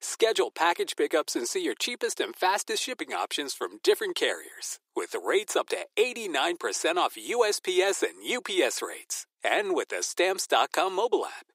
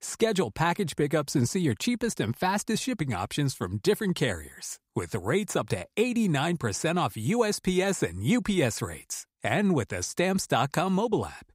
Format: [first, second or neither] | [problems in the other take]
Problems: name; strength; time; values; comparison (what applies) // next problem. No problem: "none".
second | thin; very; fading below 350 Hz